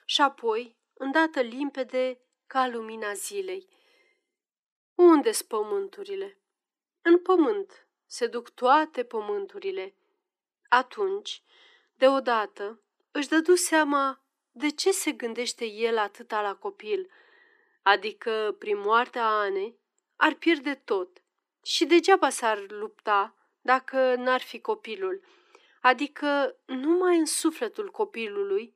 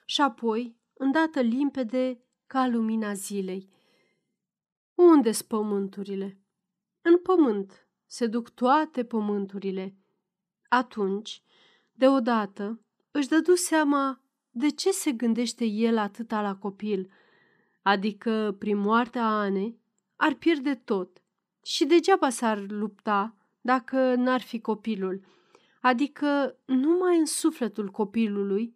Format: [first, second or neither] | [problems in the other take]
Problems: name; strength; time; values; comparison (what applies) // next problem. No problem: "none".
second | thin; somewhat; fading below 300 Hz